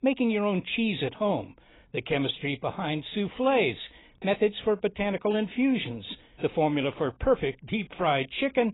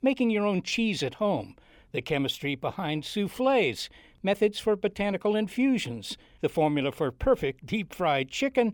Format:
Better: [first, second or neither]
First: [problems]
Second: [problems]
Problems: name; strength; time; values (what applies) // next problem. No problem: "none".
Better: second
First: garbled, watery; badly; nothing above 4 kHz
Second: none